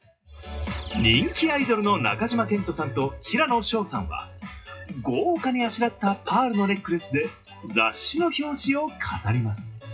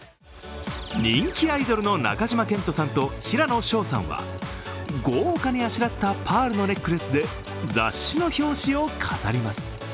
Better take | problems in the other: second | noise reduction (classical method WPE with log-MMSE)

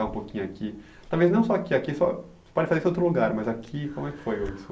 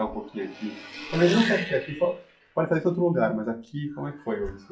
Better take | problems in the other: first | noise reduction (classical method log-MMSE)

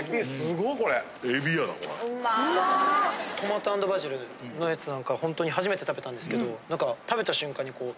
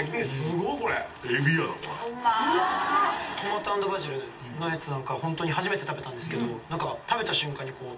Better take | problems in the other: first | room echo; dies away in 0.2 s

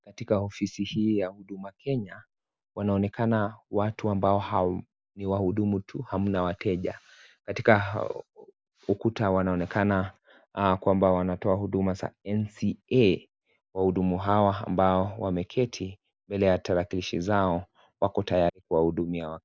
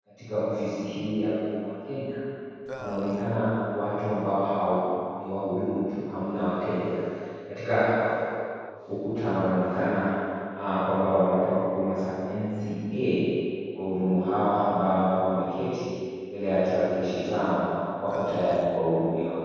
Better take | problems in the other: first | background sound (Burping, eructation); 12 dB below the speech // room echo; dies away in 2.2 s

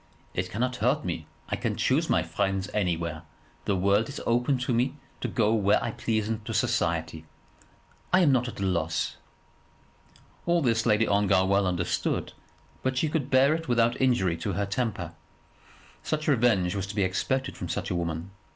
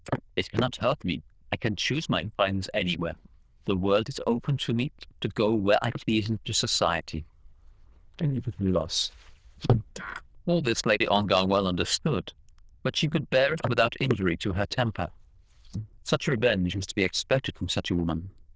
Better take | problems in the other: first | noise reduction (neural diffusion model UNIVERSE++)

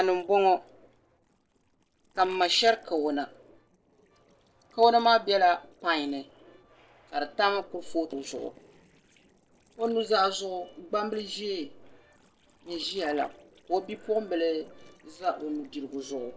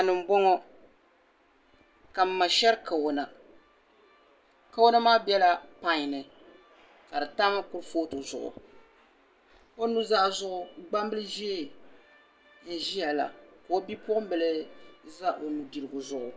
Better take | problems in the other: second | noise reduction (neural separator model SepFormer DNS4)

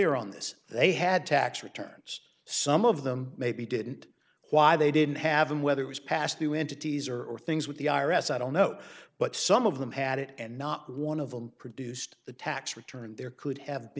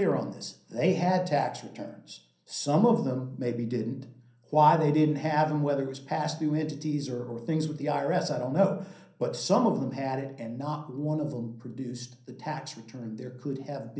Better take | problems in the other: first | room echo; dies away in 0.6 s

